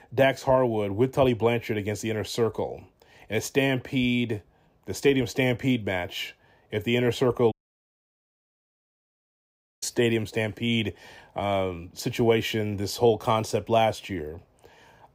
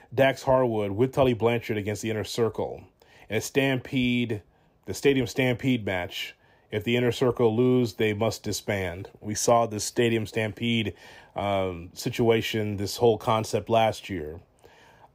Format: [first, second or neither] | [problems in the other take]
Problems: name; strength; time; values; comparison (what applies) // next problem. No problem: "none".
second | audio cutting out; at 7.5 s for 2.5 s